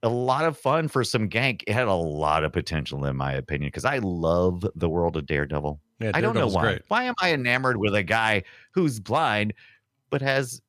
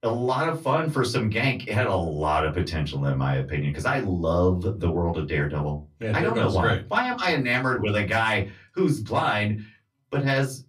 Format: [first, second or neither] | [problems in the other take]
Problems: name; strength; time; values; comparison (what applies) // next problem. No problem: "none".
first | off-mic speech; far // room echo; very slight; dies away in 0.2 s